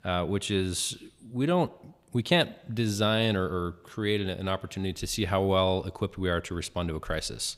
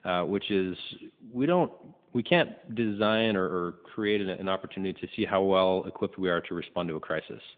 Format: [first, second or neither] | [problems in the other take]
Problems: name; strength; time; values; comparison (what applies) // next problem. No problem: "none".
first | phone-call audio; nothing above 3.5 kHz